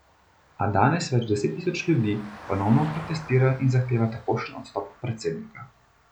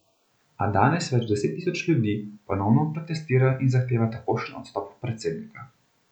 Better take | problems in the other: second | background sound (Vehicle); 20 dB below the speech

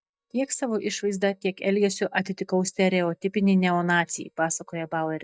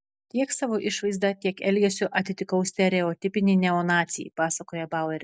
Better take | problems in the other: second | noise reduction (neural mask model DeepFilterNet 3)

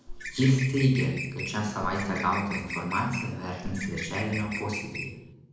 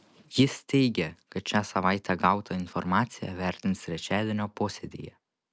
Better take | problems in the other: second | background sound (Bird); 9 dB below the speech // room echo; dies away in 0.8 s

